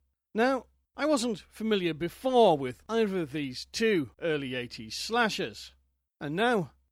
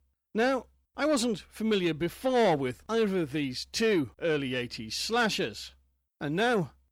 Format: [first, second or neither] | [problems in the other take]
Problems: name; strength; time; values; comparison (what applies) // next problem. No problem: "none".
first | distortion; slight; 10 dB below the speech